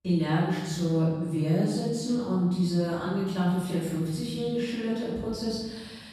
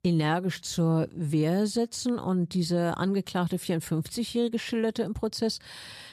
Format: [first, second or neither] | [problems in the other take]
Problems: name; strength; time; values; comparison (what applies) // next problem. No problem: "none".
second | off-mic speech; far // room echo; strong; dies away in 1.2 s